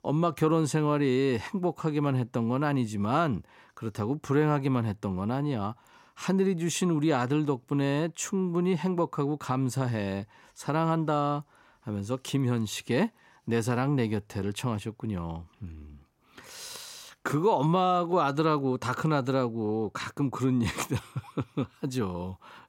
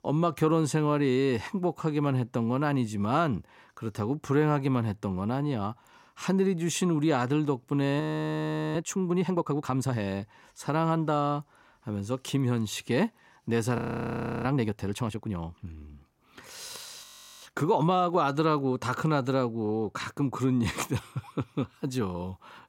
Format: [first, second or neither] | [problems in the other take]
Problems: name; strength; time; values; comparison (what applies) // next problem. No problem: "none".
first | audio freezing; at 8 s for 1 s, at 14 s for 0.5 s and at 17 s